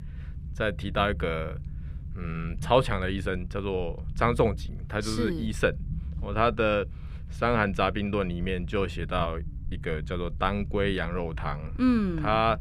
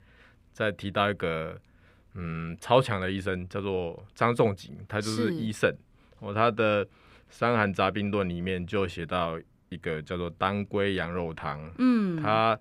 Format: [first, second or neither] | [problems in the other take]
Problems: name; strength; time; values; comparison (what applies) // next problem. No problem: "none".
second | low rumble; faint; throughout; 25 dB below the speech